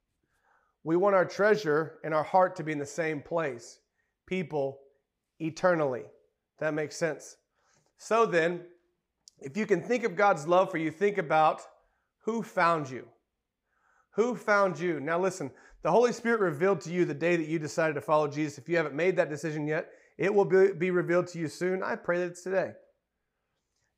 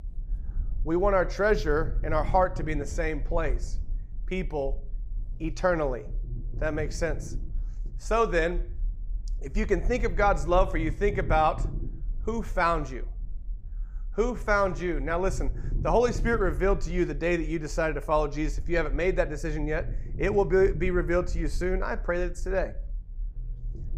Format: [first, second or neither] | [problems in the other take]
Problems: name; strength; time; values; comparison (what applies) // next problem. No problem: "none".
first | low rumble; faint; throughout; 25 dB below the speech